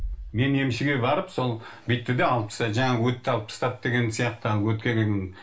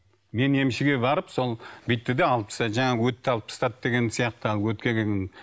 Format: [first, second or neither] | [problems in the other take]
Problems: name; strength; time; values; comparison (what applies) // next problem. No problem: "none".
second | background sound (Bass drum); 18 dB below the speech // room echo; dies away in 0.3 s